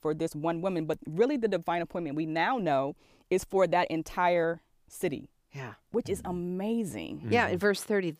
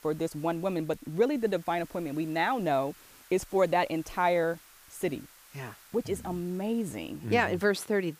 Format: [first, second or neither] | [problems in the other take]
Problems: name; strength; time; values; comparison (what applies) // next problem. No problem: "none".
first | hiss; faint; throughout; 25 dB below the speech